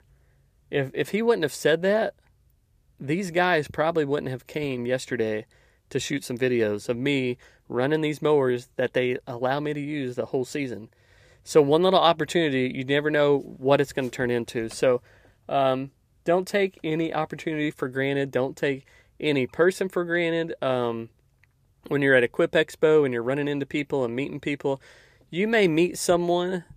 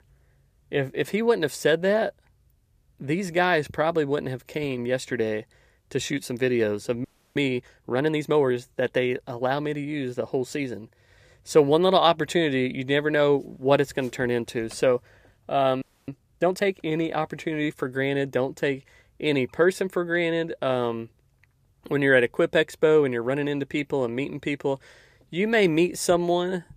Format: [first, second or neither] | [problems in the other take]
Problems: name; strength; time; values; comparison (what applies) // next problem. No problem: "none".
first | audio freezing; at 7 s and at 16 s